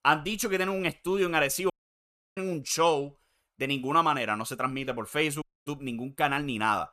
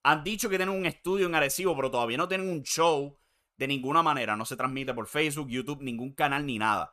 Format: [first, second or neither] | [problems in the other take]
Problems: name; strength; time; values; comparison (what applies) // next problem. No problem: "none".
second | audio cutting out; at 1.5 s for 0.5 s and at 5.5 s